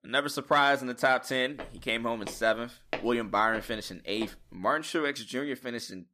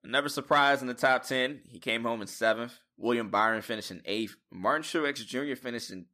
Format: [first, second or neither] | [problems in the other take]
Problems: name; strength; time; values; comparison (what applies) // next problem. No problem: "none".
second | footsteps; noticeable; from 1.5 to 4.5 s; peak 9 dB below the speech